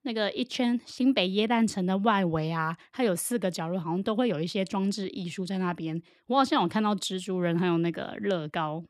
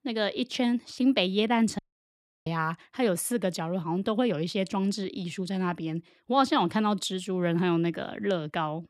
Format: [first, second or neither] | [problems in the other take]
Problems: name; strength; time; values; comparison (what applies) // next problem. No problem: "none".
first | audio cutting out; at 2 s for 0.5 s